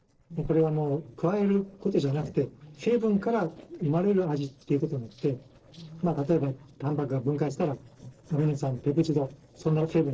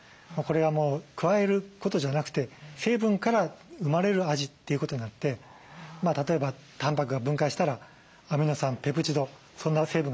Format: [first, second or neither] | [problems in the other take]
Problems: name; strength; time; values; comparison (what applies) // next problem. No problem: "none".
second | noise reduction (neural separator model SepFormer DNS4)